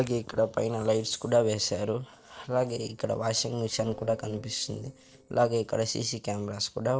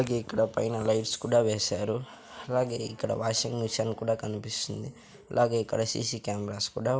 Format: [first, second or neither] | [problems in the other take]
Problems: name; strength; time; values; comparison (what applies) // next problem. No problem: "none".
second | noise reduction (neural separator model SepFormer DNS4)